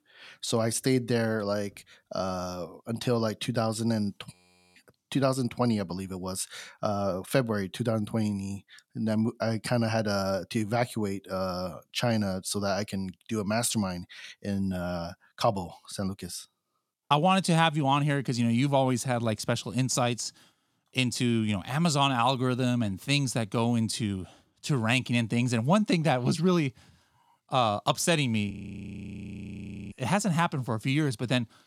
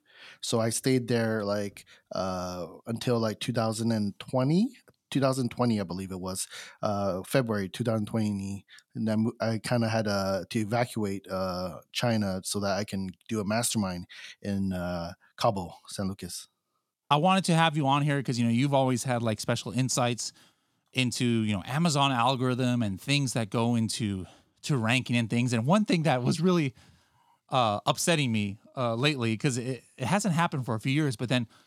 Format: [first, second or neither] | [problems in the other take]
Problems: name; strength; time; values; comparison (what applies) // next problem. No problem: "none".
second | audio freezing; at 4.5 s and at 29 s for 1.5 s